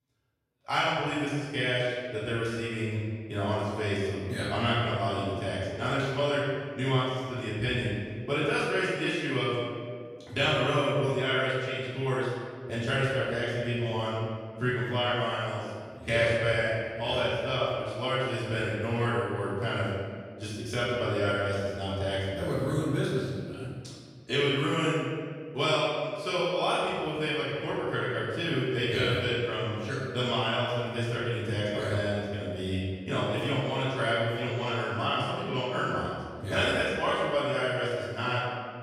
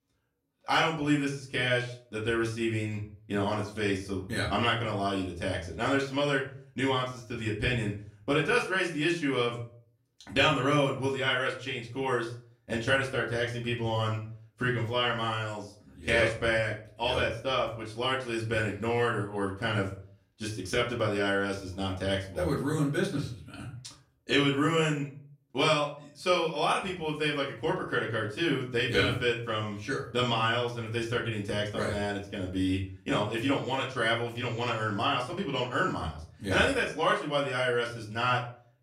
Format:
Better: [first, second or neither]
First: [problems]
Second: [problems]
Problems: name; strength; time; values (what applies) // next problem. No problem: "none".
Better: second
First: room echo; strong; dies away in 1.8 s // off-mic speech; far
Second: room echo; slight; dies away in 0.4 s // off-mic speech; far